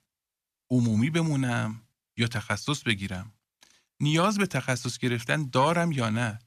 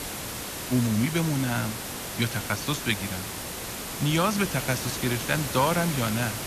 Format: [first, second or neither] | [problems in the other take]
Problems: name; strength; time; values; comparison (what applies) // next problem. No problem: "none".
first | hiss; loud; throughout; 5 dB below the speech